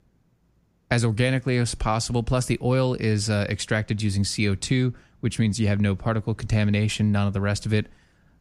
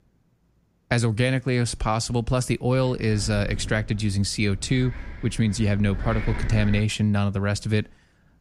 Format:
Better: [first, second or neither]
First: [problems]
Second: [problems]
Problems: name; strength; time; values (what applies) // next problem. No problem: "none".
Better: first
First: none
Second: wind noise on the microphone; faint; from 3 to 7 s; 15 dB below the speech